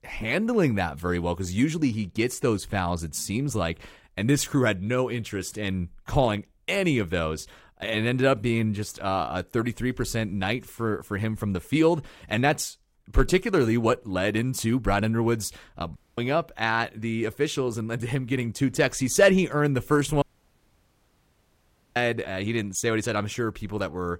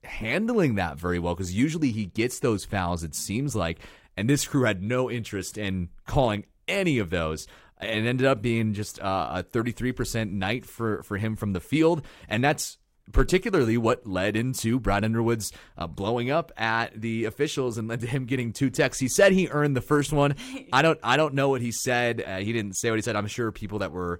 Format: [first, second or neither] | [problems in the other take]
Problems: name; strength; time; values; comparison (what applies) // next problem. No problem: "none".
second | audio cutting out; at 16 s and at 20 s for 1.5 s